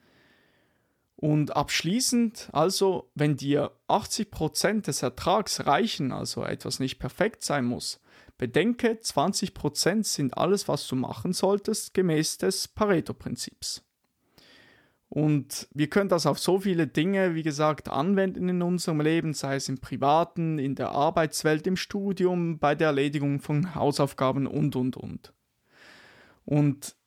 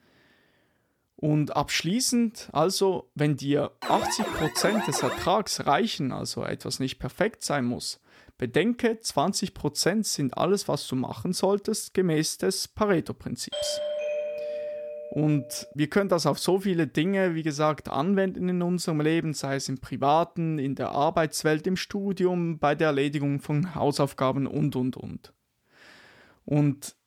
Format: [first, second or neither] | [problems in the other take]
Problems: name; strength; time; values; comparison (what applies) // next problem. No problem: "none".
first | alarm; noticeable; from 4 to 5.5 s; peak 4 dB below the speech // doorbell; noticeable; from 14 to 16 s; peak 3 dB below the speech